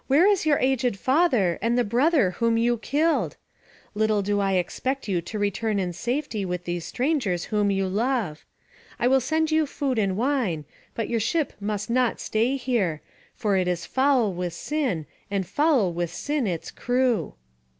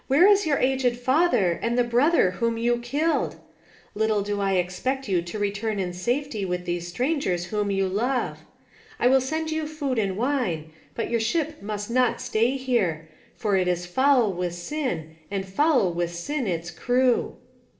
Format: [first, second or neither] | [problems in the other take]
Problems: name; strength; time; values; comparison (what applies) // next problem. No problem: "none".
first | room echo; dies away in 0.5 s